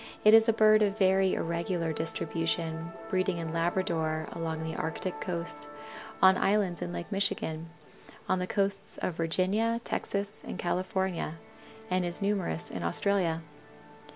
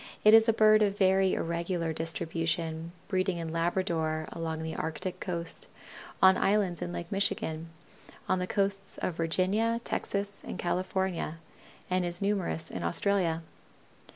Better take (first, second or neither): second